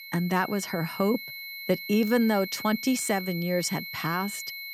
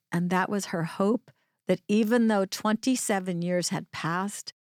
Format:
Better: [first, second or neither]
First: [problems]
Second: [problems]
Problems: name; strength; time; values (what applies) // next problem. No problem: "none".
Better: second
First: high-pitched whine; loud; throughout; 2 kHz, 9 dB below the speech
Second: none